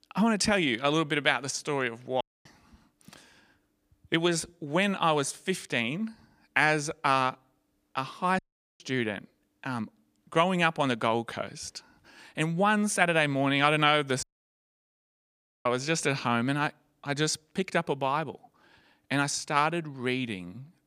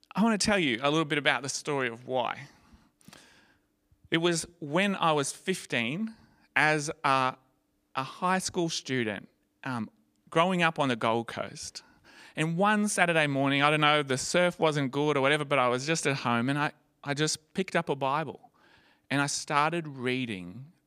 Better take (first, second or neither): second